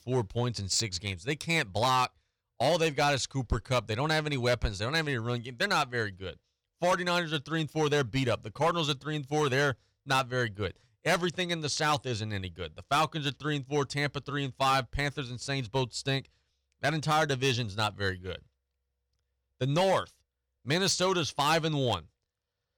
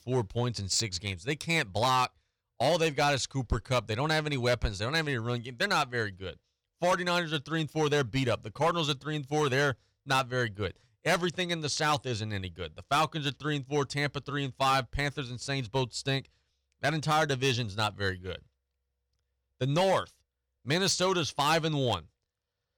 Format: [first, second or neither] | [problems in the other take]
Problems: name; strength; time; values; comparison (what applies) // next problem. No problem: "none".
neither | distortion; slight; 4% of the sound clipped; the same in both